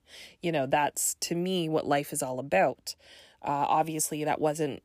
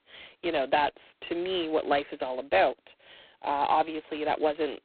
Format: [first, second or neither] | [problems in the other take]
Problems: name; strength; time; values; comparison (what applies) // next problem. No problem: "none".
first | phone-call audio; poor line; nothing above 4 kHz